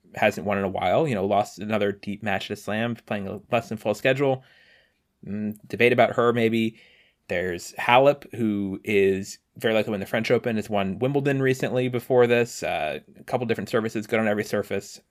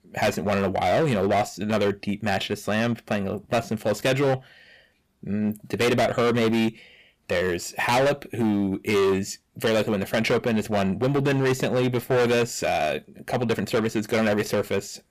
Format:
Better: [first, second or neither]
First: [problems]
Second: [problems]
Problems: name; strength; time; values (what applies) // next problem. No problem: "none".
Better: first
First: none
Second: distortion; heavy; 14% of the sound clipped